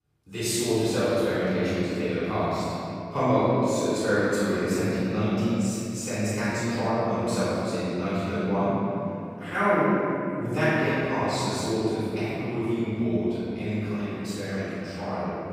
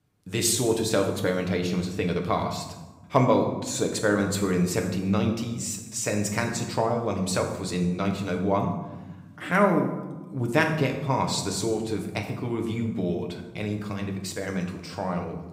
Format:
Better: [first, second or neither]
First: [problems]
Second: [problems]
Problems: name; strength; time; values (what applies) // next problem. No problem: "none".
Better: second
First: room echo; strong; dies away in 2.8 s // off-mic speech; far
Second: room echo; slight; dies away in 1 s // off-mic speech; somewhat distant